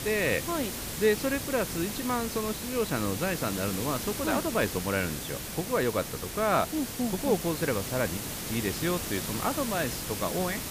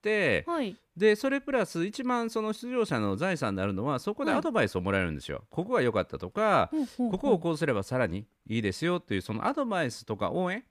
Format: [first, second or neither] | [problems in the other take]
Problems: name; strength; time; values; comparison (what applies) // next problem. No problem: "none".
second | hiss; loud; throughout; 4 dB below the speech